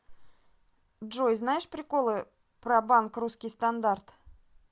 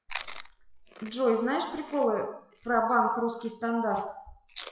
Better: first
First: none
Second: noise reduction (classical method WPE with log-MMSE)

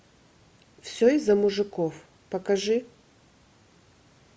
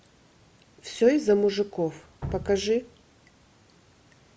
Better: first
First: none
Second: background sound (Drip); 17 dB below the speech

